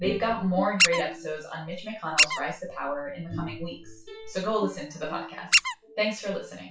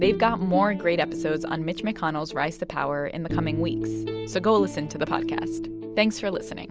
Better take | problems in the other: second | noise reduction (classical method WPE with log-MMSE)

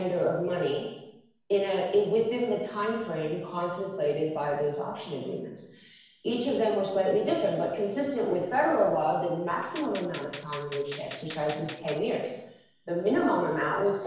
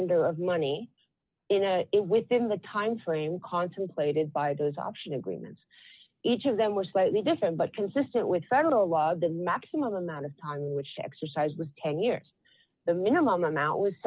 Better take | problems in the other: second | background sound (Gunshot, gunfire); 16 dB below the speech // room echo; dies away in 0.9 s

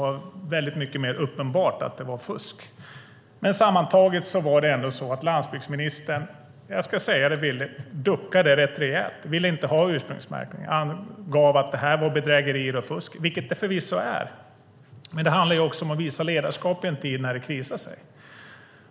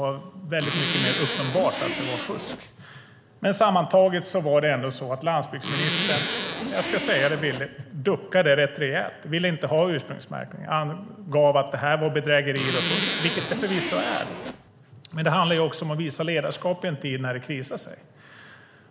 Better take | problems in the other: first | background sound (Zipper (clothing)); 3 dB below the speech

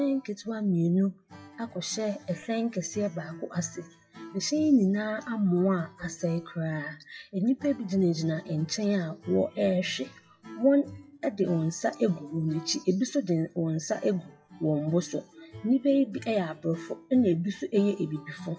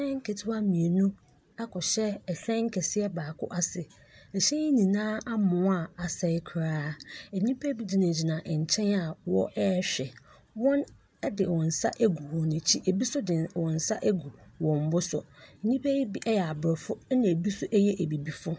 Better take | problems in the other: second | noise reduction (classical method WPE with log-MMSE)

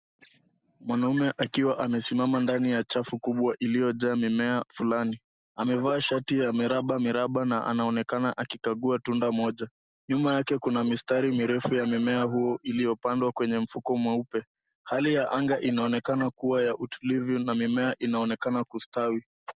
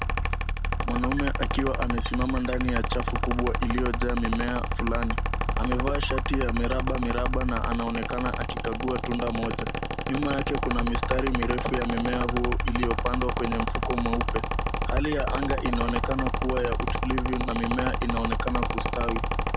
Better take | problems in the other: first | background sound (Mechanical fan); 3 dB above the speech

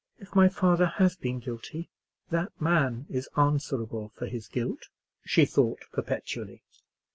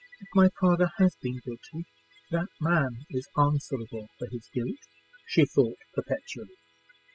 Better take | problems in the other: first | noise reduction (classical method spectral subtraction)

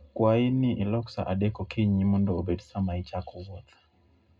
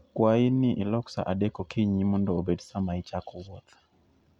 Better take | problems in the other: second | room echo; dies away in 0.2 s

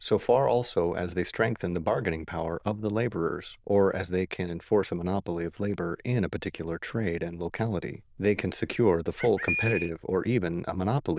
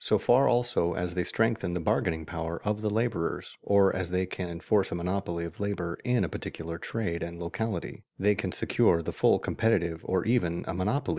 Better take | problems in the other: second | noise reduction (neural diffusion model UNIVERSE++)

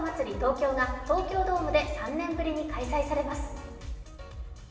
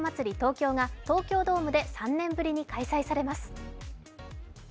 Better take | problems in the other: second | room echo; dies away in 1.4 s

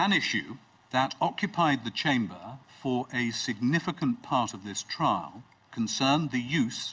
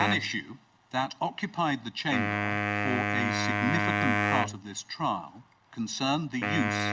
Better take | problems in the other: first | background sound (Wind instrument, woodwind instrument); as loud as the speech

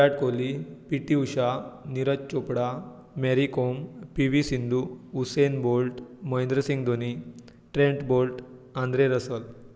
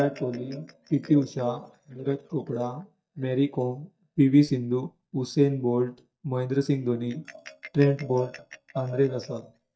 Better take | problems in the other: first | noise reduction (neural mask model DeepFilterNet 3)

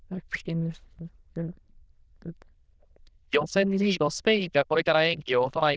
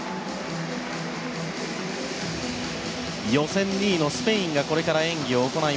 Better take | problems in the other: second | noise reduction (neural diffusion model UNIVERSE++)

